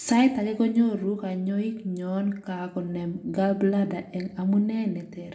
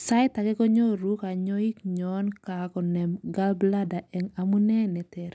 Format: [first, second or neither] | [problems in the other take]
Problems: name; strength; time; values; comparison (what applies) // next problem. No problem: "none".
second | room echo; dies away in 0.5 s